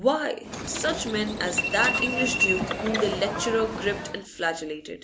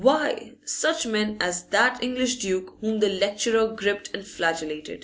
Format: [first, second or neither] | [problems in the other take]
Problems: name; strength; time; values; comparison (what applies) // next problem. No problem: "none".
second | background sound (Subway, metro, underground); 1 dB below the speech